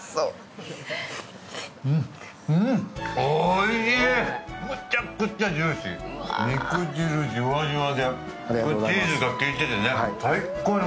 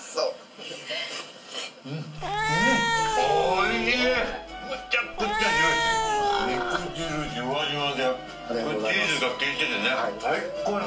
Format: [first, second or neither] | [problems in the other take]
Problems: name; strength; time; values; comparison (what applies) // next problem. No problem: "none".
first | background sound (Cat); 2 dB above the speech // room echo; dies away in 0.2 s